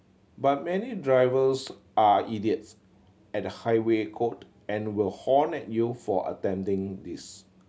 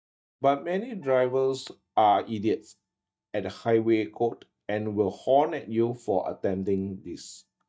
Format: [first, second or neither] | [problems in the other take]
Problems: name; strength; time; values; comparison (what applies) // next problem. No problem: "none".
first | noise reduction (neural mask model DeepFilterNet 3)